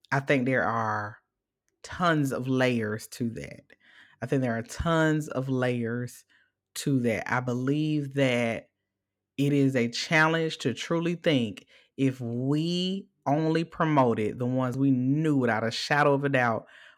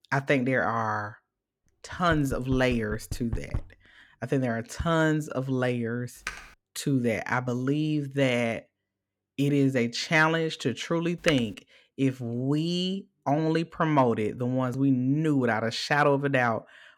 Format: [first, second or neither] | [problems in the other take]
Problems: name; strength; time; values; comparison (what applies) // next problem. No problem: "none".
first | door banging; noticeable; from 2 to 3.5 s; peak 9 dB below the speech // keyboard typing; faint; at 6.5 s; peak 10 dB below the speech // keyboard typing; very faint; at 11 s; peak 7 dB below the speech